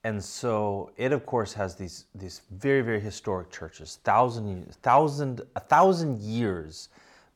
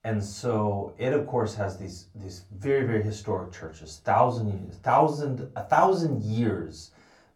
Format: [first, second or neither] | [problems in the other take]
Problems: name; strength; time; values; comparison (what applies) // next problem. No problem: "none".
first | off-mic speech; far // room echo; very slight; dies away in 0.3 s